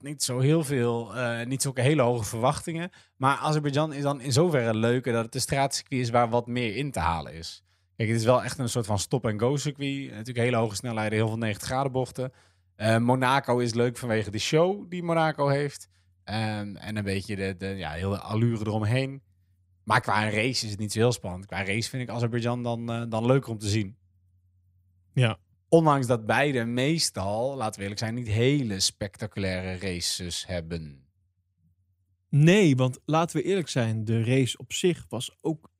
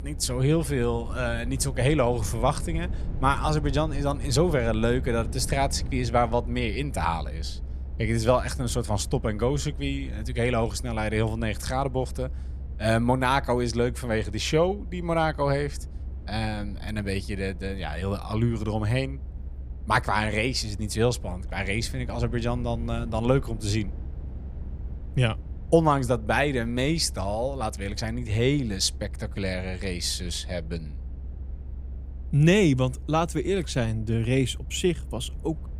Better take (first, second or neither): first